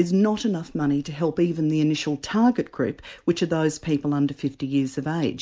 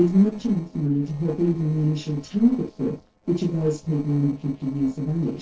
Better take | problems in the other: first | noise reduction (neural separator model SepFormer DNS4)

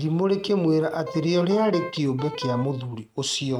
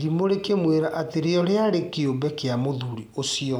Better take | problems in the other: second | noise reduction (neural mask model RNNoise)

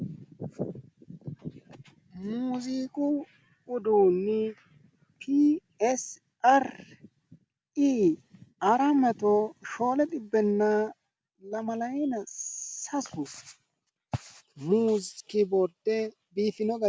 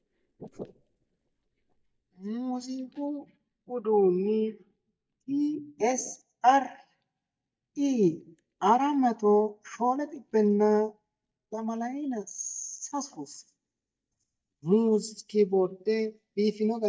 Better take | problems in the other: first | noise reduction (neural mask model DeepFilterNet 3)

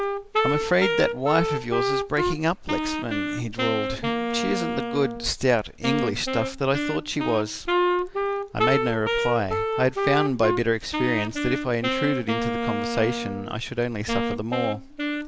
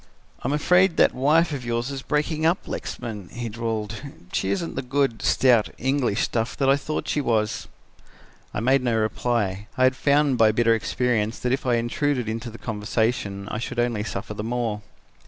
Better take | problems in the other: second | background sound (Wind instrument, woodwind instrument); 1 dB below the speech

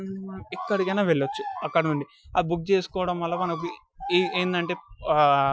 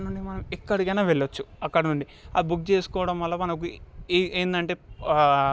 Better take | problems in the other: second | noise reduction (classical method Wiener filter)

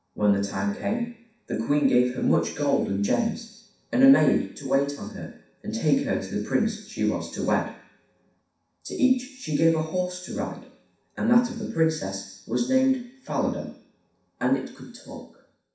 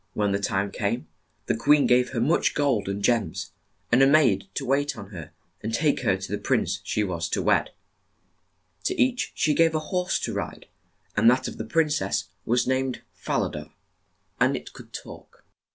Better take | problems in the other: second | room echo; dies away in 0.7 s

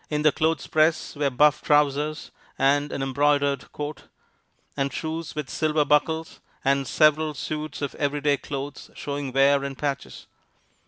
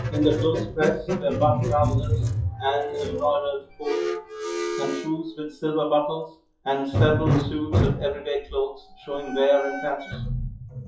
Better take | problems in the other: first | noise reduction (classical method WPE with log-MMSE)

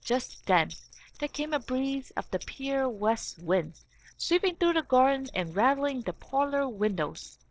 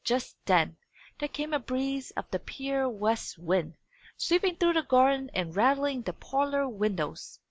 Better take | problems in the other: second | noise reduction (neural separator model SepFormer DNS4)

